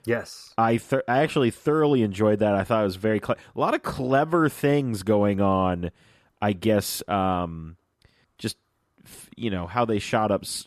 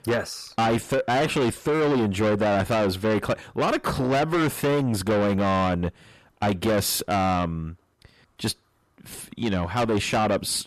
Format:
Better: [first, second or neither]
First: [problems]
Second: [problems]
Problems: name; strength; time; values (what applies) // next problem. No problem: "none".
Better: first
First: none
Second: distortion; heavy; 6 dB below the speech